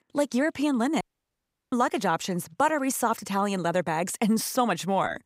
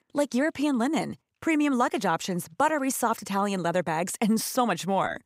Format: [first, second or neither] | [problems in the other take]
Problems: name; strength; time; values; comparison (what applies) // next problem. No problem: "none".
second | audio cutting out; at 1 s for 0.5 s